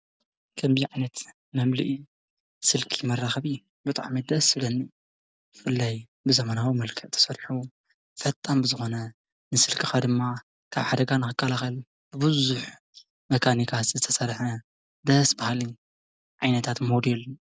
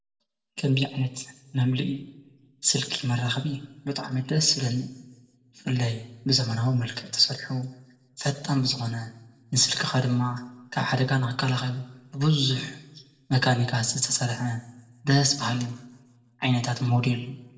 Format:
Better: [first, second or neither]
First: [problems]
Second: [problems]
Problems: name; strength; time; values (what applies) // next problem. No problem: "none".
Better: first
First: none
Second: room echo; dies away in 0.7 s